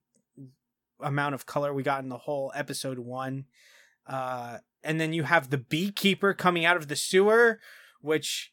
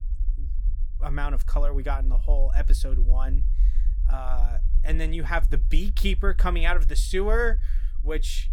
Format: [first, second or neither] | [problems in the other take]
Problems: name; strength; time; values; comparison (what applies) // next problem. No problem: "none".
first | low rumble; faint; throughout; 20 dB below the speech